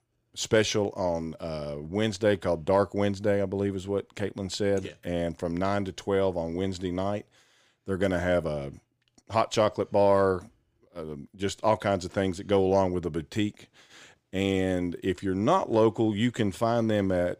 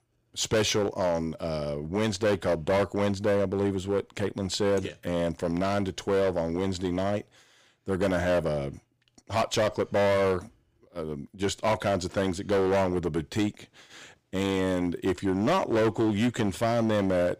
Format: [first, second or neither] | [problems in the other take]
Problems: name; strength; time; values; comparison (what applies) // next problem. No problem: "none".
first | distortion; heavy; 10% of the sound clipped